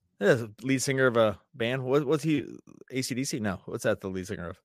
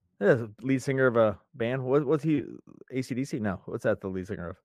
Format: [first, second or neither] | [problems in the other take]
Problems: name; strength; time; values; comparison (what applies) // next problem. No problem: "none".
first | muffled; slightly; fading above 2.5 kHz